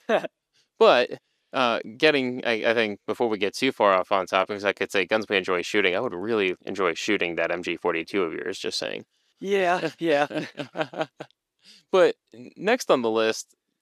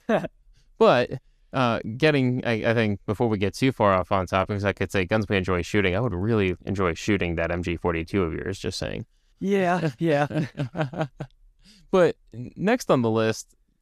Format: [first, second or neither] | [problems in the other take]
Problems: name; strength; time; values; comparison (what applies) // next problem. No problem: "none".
second | thin; somewhat; fading below 350 Hz